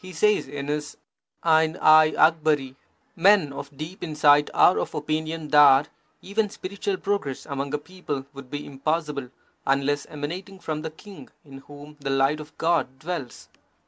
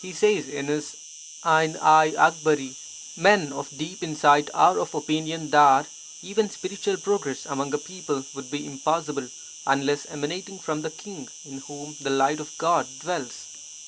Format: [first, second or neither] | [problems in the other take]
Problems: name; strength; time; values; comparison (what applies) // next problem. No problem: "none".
first | background sound (Insect); 16 dB below the speech